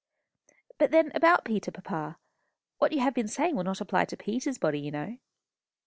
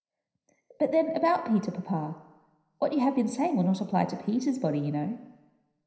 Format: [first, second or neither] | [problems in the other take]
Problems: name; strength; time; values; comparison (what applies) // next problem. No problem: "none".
first | room echo; dies away in 0.9 s